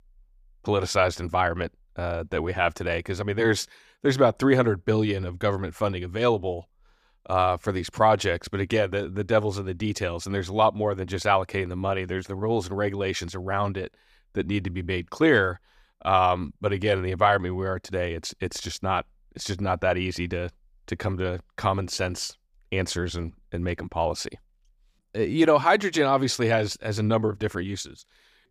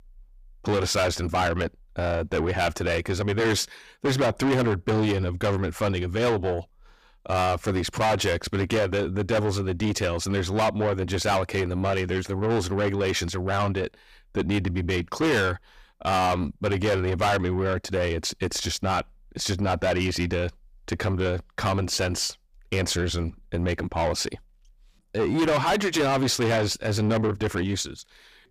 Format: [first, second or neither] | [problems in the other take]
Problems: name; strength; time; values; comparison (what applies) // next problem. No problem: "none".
first | distortion; heavy; 6 dB below the speech